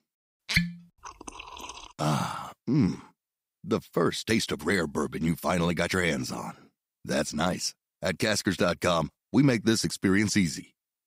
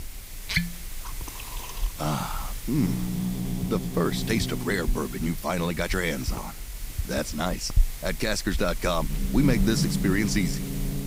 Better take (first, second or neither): first